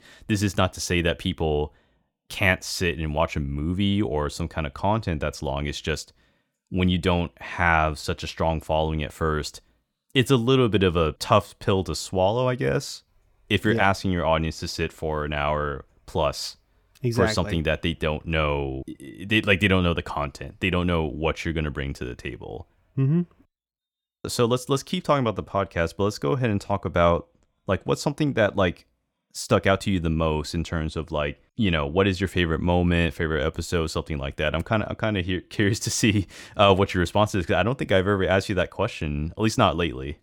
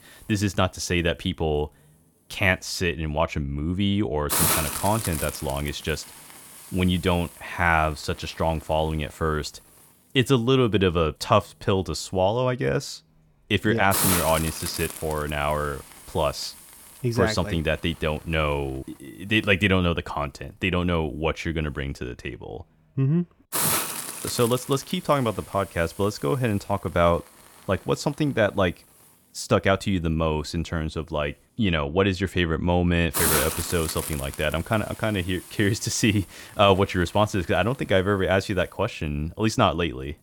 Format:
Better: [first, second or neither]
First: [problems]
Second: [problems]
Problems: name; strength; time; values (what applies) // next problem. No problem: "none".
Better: first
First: none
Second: hiss; loud; throughout; 4 dB below the speech